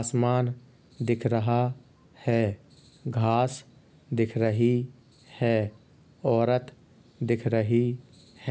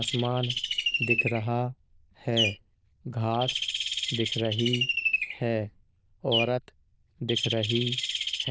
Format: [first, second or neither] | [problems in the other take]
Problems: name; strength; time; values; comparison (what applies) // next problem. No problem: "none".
first | noise reduction (neural diffusion model UNIVERSE++)